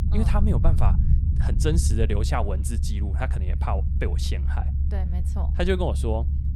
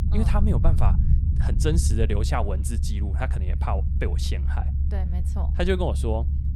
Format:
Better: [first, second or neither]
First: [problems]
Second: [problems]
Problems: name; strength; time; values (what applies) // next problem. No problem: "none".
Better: neither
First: low rumble; loud; throughout; 9 dB below the speech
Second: low rumble; loud; throughout; 9 dB below the speech